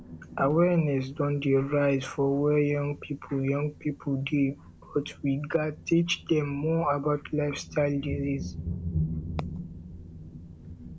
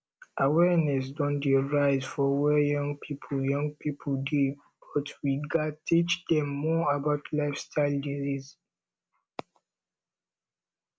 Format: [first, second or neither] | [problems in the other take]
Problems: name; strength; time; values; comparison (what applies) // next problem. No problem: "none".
second | background sound (Thunder); 11 dB below the speech